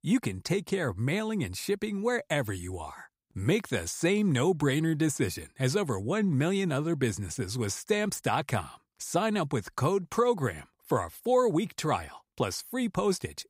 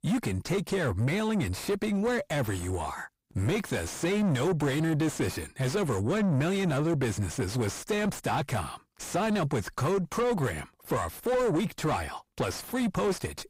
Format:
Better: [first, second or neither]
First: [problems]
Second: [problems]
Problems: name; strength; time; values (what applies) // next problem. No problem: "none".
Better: first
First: none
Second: distortion; heavy; 6 dB below the speech